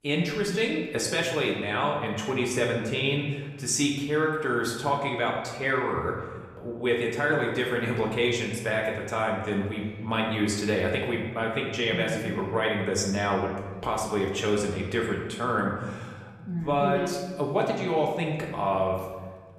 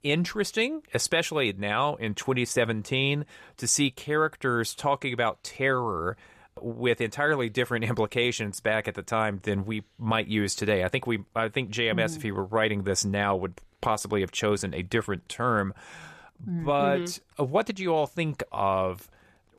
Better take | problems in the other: second | room echo; noticeable; dies away in 1.2 s // off-mic speech; somewhat distant

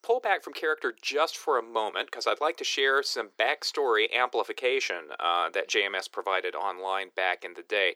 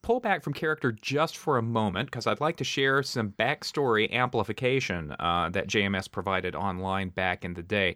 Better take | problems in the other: second | thin; very; fading below 350 Hz

